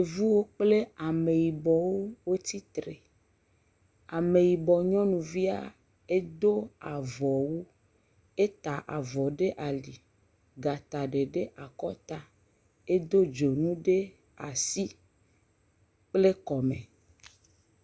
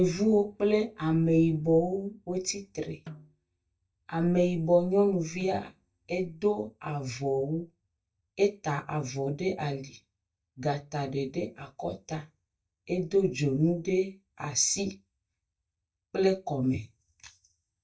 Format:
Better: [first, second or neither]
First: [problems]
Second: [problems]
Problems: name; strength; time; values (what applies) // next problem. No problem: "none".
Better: first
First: none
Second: noise reduction (neural mask model DeepFilterNet 3)